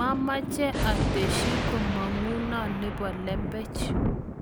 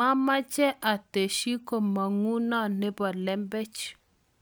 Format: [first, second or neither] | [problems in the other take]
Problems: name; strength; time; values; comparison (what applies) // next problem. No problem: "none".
second | background sound (Thunder); 2 dB above the speech